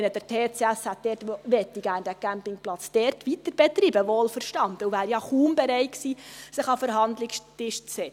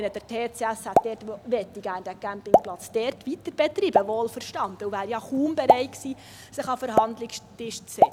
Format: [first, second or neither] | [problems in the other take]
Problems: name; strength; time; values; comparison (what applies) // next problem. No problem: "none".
first | background sound (Explosion); 2 dB above the speech